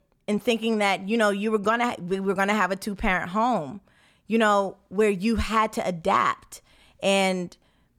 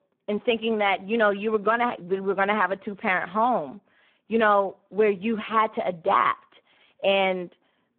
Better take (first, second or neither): first